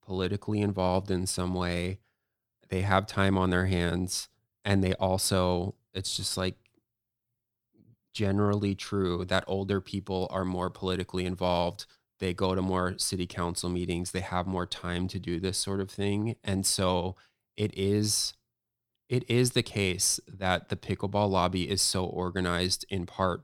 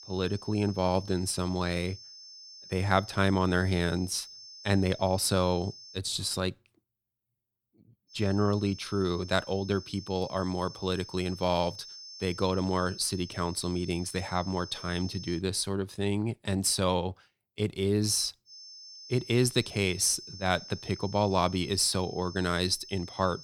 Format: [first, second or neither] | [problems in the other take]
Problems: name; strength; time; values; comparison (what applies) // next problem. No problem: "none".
first | high-pitched whine; noticeable; until 6 s, from 8 to 15 s and from 19 s on; 5.5 kHz, 15 dB below the speech